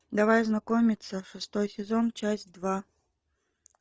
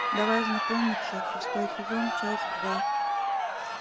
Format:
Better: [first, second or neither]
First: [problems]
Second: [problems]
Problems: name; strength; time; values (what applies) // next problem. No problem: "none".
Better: first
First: none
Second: background sound (Crowd); 3 dB above the speech